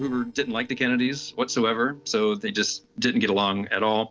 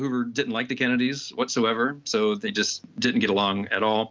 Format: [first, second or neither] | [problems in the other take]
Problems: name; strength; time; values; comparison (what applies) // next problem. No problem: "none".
second | noise reduction (neural separator model SepFormer DNS4)